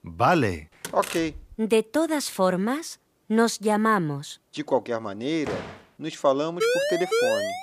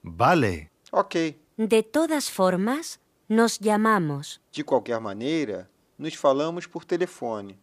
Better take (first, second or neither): second